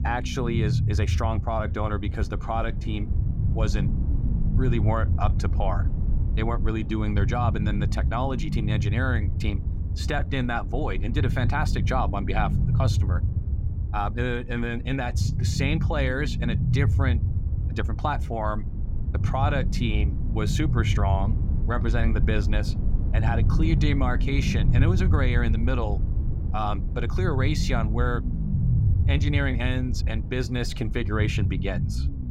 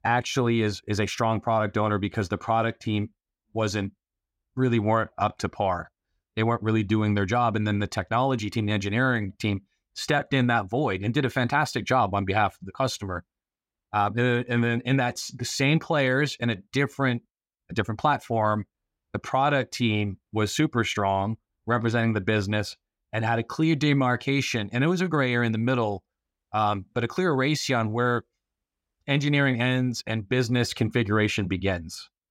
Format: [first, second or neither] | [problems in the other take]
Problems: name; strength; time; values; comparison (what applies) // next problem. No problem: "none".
second | low rumble; loud; throughout; 9 dB below the speech